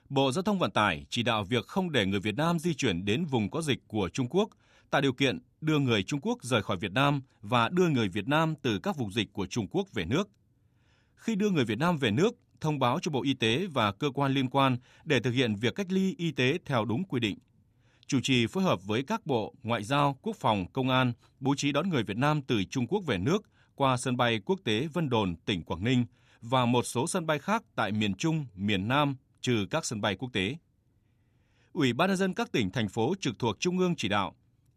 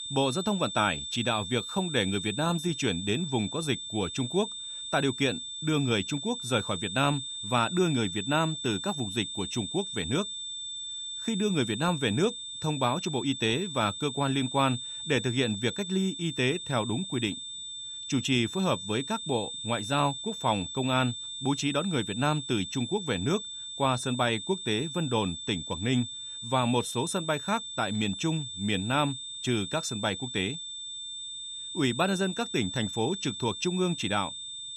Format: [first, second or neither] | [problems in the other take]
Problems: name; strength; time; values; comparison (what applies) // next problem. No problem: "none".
first | high-pitched whine; loud; throughout; 3.5 kHz, 6 dB below the speech